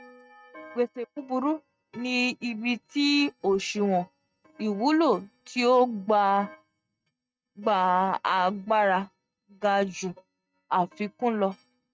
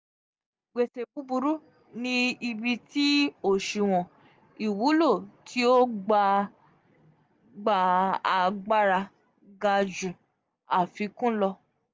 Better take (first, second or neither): second